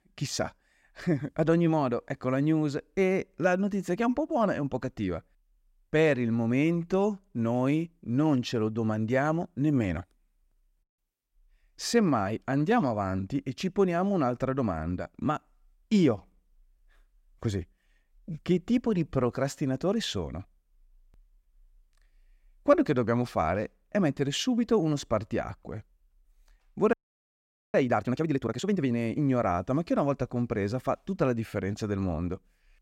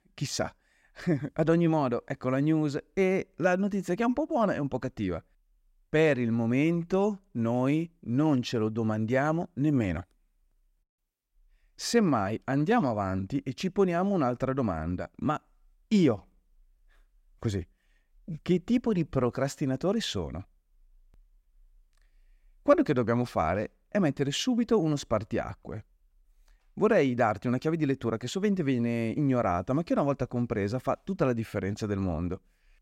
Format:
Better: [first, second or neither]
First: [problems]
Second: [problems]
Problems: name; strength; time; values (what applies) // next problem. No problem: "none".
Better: second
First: audio freezing; at 27 s for 1 s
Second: none